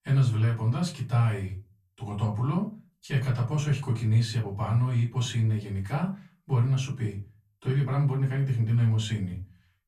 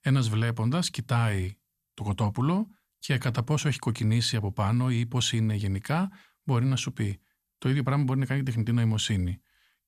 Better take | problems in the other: second | off-mic speech; far // room echo; very slight; dies away in 0.3 s

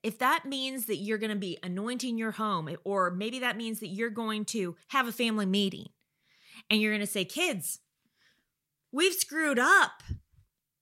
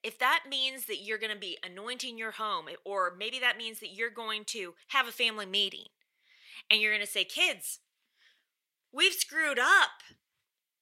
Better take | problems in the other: first | thin; very; fading below 550 Hz

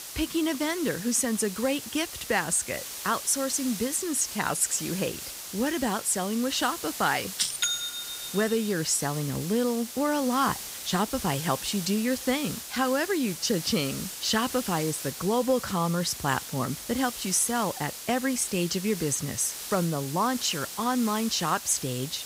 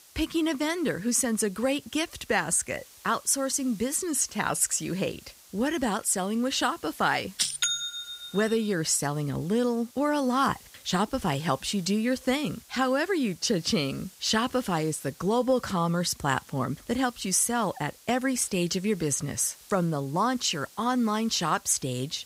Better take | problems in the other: second | hiss; loud; throughout; 8 dB below the speech; faint in the second

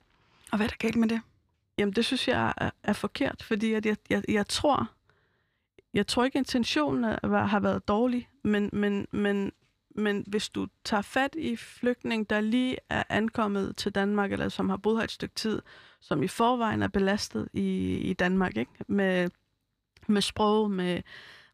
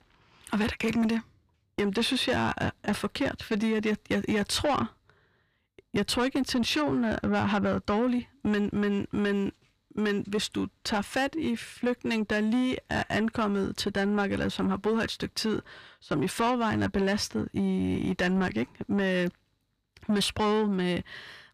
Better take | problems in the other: first | distortion; slight; 10 dB below the speech

